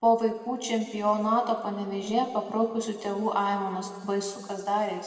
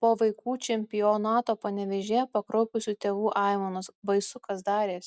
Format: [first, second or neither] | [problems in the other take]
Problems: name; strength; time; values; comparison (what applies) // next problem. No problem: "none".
second | room echo; dies away in 2 s